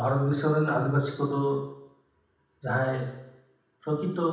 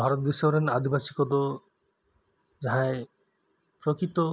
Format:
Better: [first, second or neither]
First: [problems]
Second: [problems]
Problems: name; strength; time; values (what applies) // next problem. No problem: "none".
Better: second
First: room echo; dies away in 0.9 s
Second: none